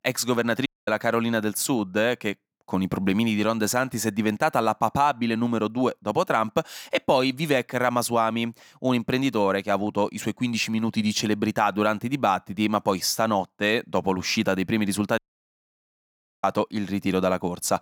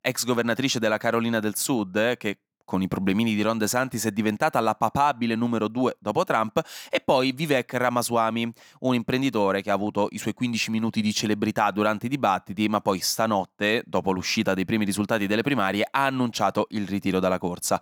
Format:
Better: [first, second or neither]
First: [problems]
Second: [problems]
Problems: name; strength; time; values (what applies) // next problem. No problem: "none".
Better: second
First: audio cutting out; at 0.5 s and at 15 s for 1.5 s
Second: none